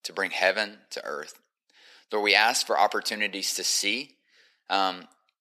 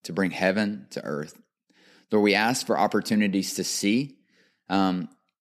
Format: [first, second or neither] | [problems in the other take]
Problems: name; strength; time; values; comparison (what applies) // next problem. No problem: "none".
second | thin; very; fading below 700 Hz